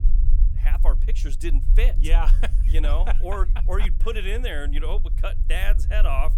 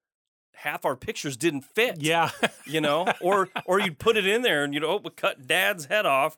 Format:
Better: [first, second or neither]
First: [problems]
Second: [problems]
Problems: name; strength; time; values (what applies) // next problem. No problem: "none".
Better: second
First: low rumble; noticeable; throughout; 15 dB below the speech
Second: none